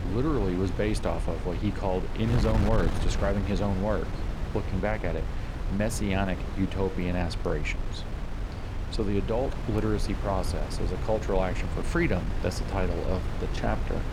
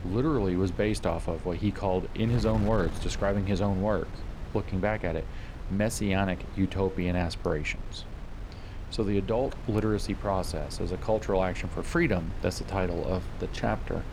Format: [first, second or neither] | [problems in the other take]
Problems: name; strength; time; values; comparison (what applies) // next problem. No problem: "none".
second | wind noise on the microphone; heavy; 8 dB below the speech; occasional gusts in the second